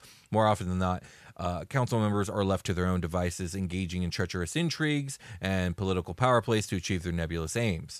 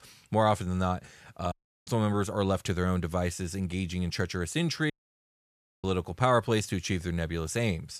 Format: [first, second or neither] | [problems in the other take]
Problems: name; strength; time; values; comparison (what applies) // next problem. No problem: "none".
first | audio cutting out; at 1.5 s and at 5 s for 1 s